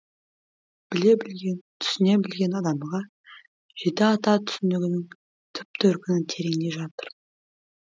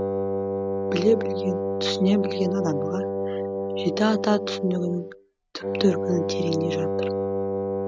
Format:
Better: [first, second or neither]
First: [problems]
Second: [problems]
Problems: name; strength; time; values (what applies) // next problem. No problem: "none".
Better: first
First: none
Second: background sound (Wind instrument, woodwind instrument); as loud as the speech